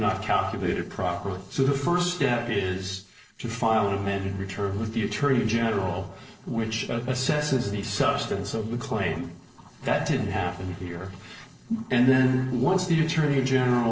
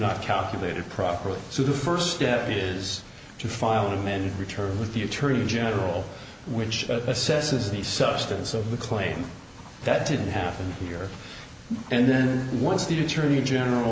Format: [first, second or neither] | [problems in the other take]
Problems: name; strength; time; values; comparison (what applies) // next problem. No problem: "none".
second | noise reduction (neural separator model SepFormer DNS4)